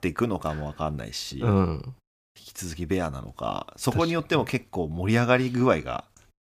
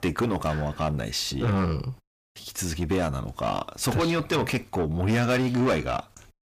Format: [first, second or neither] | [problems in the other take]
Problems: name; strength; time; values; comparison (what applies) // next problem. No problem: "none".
first | distortion; heavy; 6 dB below the speech